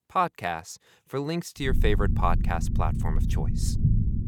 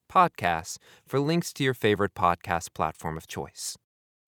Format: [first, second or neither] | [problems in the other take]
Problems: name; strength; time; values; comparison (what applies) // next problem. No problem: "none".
second | low rumble; noticeable; from 1.5 s on; 10 dB below the speech